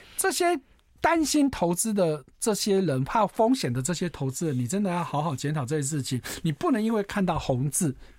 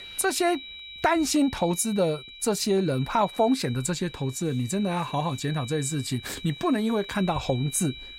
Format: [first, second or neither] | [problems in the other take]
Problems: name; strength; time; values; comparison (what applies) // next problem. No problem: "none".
first | high-pitched whine; noticeable; throughout; 4 kHz, 15 dB below the speech